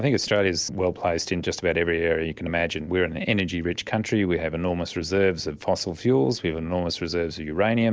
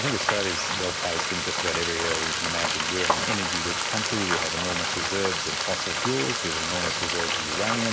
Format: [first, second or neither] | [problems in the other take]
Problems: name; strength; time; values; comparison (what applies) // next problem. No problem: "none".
first | background sound (Frying (food)); 4 dB above the speech